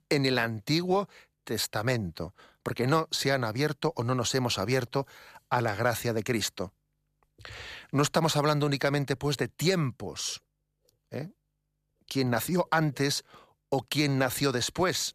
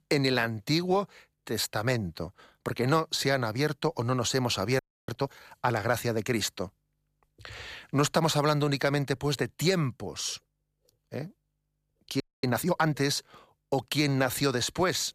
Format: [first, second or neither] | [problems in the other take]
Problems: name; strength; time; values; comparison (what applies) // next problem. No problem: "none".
first | audio freezing; at 5 s and at 12 s